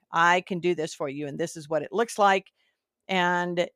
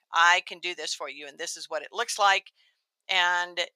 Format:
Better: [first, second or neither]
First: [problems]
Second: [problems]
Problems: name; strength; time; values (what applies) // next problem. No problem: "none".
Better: first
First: none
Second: thin; very; fading below 900 Hz